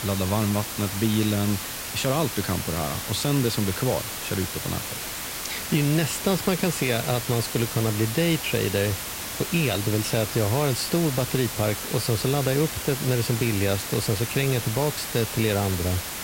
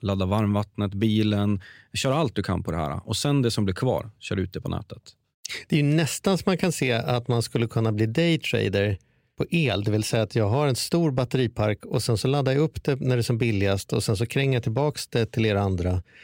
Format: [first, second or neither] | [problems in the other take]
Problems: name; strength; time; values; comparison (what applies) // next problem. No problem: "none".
second | hiss; loud; throughout; 5 dB below the speech